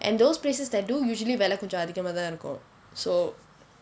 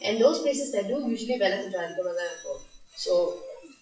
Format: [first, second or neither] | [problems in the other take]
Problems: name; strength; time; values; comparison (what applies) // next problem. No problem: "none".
first | noise reduction (classical method WPE with log-MMSE)